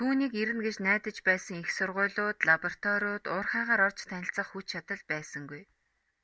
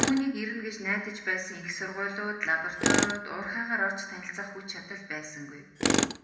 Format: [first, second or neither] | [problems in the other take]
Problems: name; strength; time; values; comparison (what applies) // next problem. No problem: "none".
first | background sound (Tools); 1 dB below the speech // room echo; dies away in 0.9 s